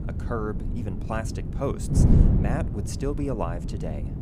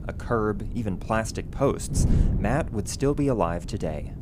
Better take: second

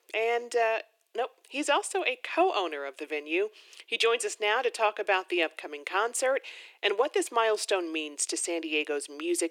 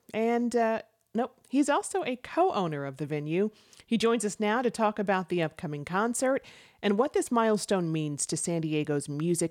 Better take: second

